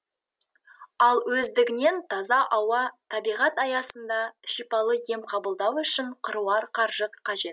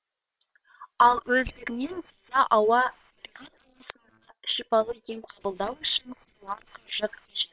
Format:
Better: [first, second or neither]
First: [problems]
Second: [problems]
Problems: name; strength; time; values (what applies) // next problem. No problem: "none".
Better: first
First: none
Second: noise reduction (neural separator model SepFormer WHAM!)